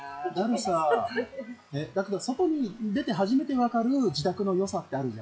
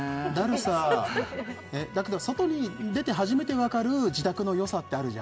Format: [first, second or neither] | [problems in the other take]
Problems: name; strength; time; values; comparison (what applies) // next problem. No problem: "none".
second | noise reduction (classical method log-MMSE)